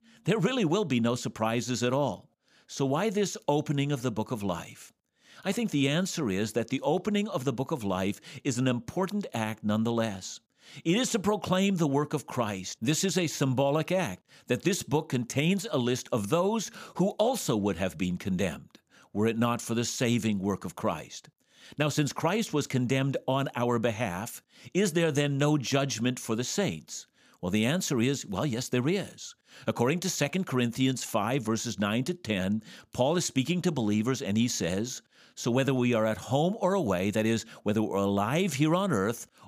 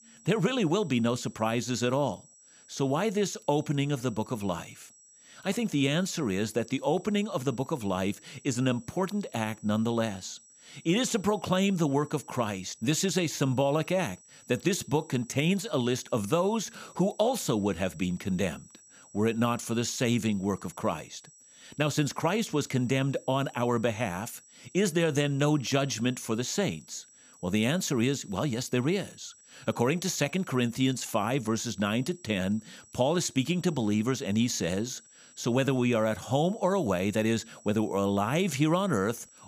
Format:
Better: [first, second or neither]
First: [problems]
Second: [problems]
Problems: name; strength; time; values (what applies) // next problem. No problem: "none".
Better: first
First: none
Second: high-pitched whine; faint; throughout; 7.5 kHz, 25 dB below the speech